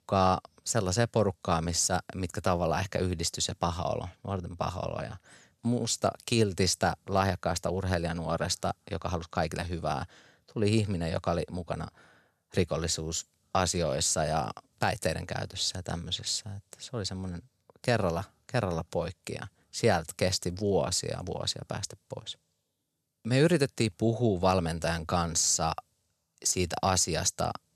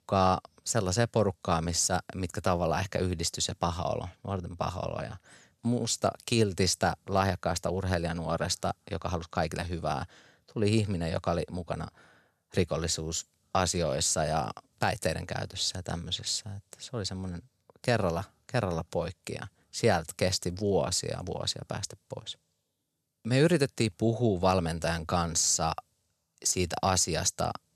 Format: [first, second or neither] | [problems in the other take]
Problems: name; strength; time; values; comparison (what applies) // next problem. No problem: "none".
neither | none